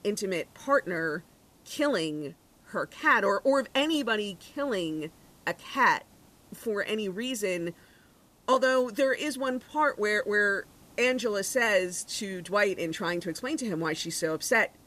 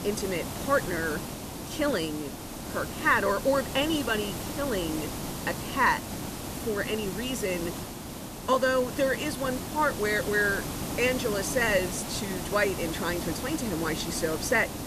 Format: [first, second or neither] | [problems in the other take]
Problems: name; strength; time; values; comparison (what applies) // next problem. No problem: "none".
first | hiss; loud; throughout; 6 dB below the speech; faint in the first